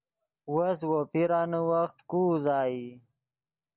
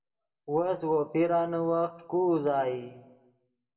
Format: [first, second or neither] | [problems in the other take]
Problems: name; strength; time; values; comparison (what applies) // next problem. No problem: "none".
first | room echo; dies away in 0.8 s